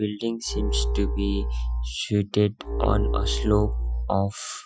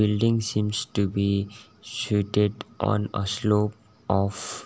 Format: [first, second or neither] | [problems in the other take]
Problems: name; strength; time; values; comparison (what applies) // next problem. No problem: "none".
second | noise reduction (classical method Wiener filter)